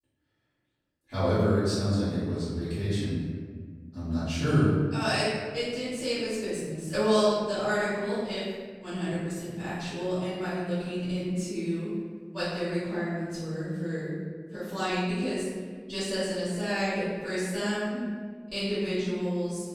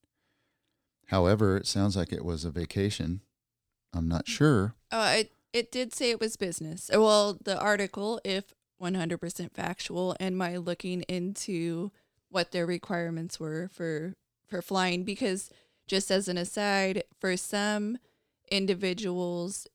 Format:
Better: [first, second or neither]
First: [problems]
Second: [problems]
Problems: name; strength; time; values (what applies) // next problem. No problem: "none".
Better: second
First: off-mic speech; far // room echo; strong; dies away in 1.7 s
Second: none